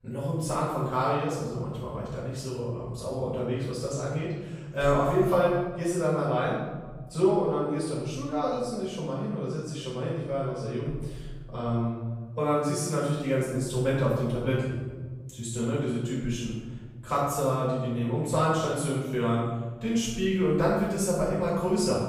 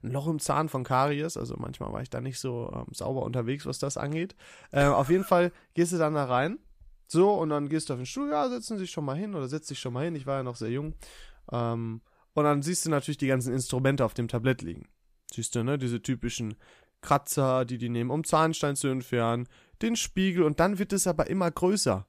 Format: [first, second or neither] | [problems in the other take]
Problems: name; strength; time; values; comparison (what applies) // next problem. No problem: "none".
second | off-mic speech; far // room echo; strong; dies away in 1.4 s